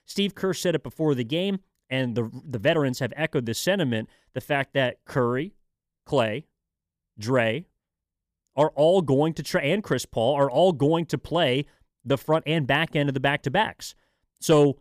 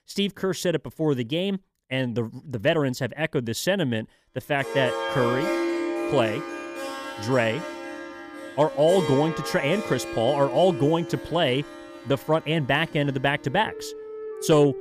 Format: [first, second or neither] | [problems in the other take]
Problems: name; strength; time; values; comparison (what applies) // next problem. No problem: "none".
first | background music; loud; from 4.5 s on; 7 dB below the speech